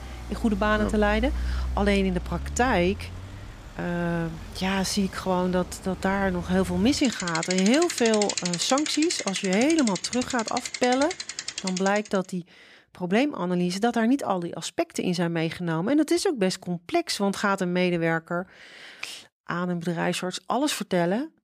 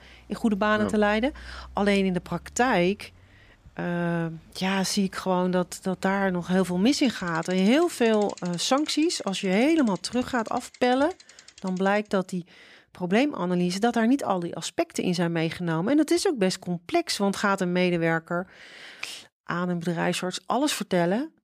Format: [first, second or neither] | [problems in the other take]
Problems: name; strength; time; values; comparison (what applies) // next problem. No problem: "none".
second | traffic noise; loud; until 12 s; 8 dB below the speech; faint in the second